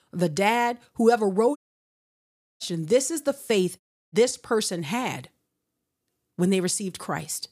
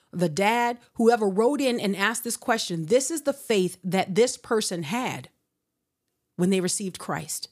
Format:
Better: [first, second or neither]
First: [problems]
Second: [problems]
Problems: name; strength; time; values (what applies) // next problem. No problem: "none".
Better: second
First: audio cutting out; at 1.5 s for 1 s and at 4 s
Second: none